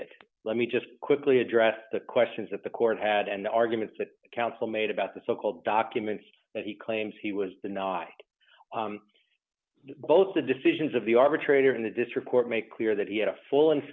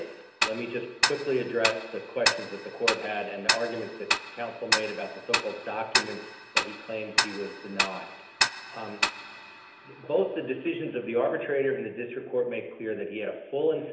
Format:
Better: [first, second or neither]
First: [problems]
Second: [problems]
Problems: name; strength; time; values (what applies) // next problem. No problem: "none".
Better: first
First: none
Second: background sound (Tick-tock); as loud as the speech // room echo; dies away in 0.8 s